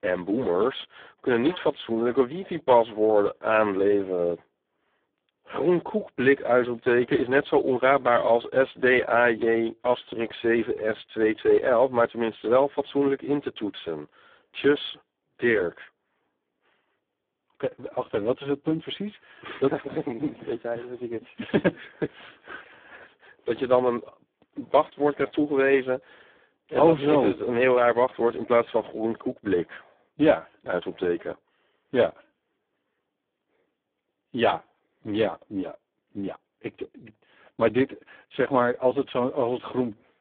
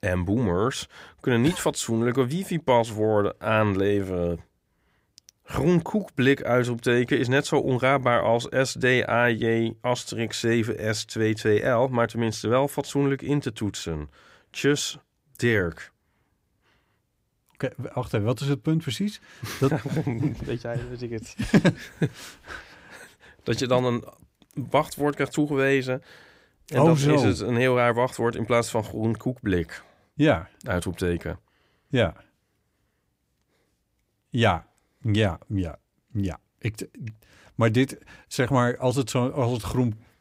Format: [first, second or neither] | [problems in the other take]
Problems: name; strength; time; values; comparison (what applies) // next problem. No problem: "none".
second | phone-call audio; poor line